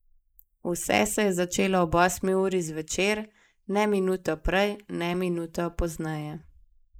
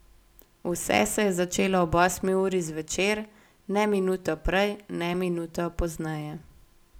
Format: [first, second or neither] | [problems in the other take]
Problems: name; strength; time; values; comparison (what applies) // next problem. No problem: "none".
second | noise reduction (neural mask model Resemble Enhance denoiser)